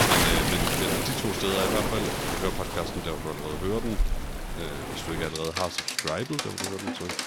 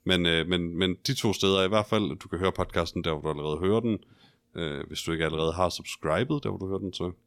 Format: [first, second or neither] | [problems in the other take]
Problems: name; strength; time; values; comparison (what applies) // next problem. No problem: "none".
second | rain or running water; very loud; throughout; 2 dB above the speech